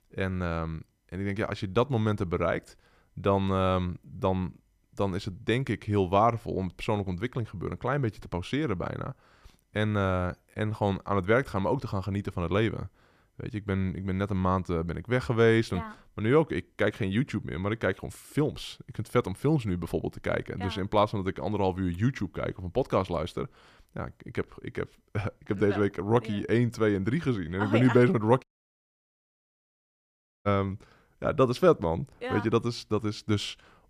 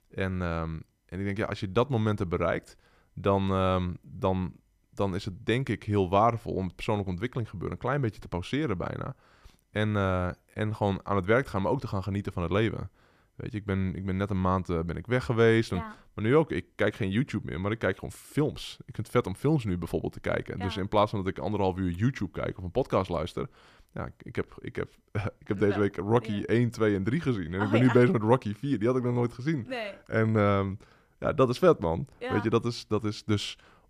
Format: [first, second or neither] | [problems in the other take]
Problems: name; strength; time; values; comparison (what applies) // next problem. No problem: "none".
second | audio cutting out; at 28 s for 2 s